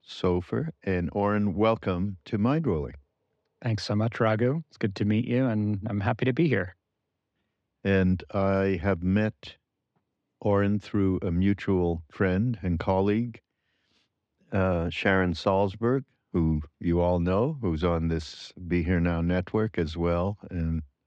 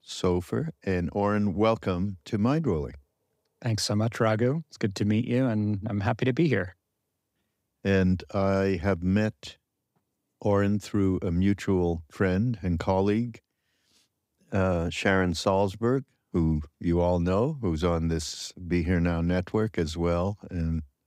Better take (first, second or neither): second